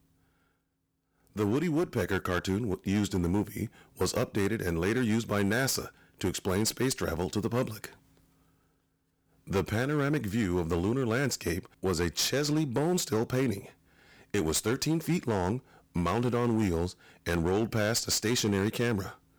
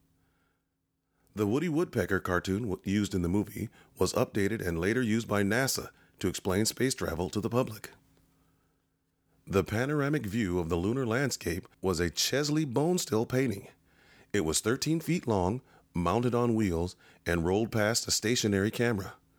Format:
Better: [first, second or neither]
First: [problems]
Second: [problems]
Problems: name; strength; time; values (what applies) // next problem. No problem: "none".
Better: second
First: distortion; slight; 9% of the sound clipped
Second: none